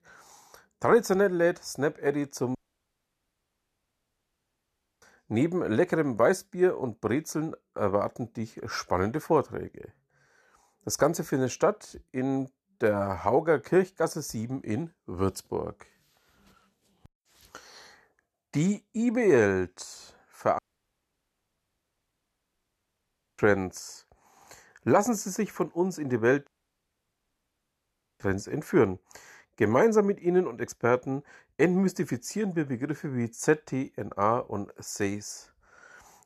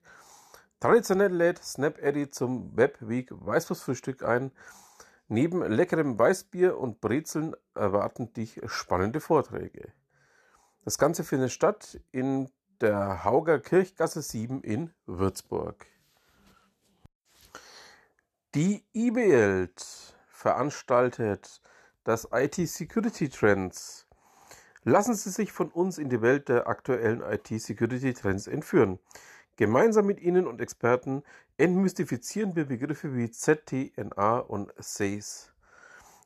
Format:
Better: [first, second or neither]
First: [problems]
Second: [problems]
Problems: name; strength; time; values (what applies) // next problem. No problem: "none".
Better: second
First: audio cutting out; at 2.5 s for 2.5 s, at 21 s for 3 s and at 26 s for 1.5 s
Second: none